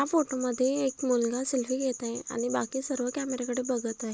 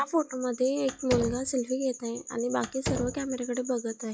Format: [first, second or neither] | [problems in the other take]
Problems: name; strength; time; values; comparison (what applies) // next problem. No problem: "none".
first | noise reduction (classical method log-MMSE)